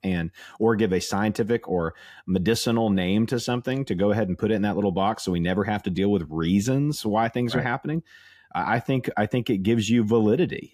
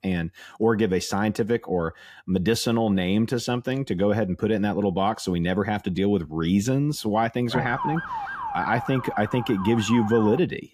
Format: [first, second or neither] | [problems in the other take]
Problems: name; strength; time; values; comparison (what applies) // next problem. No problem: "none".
first | siren; noticeable; from 7.5 s on; peak 5 dB below the speech